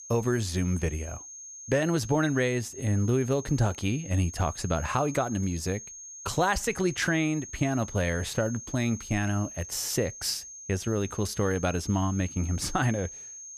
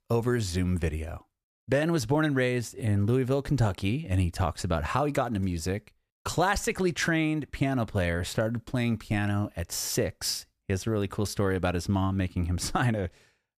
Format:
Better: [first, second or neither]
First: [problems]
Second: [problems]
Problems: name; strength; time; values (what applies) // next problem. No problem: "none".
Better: second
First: high-pitched whine; noticeable; throughout; 6.5 kHz, 10 dB below the speech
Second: none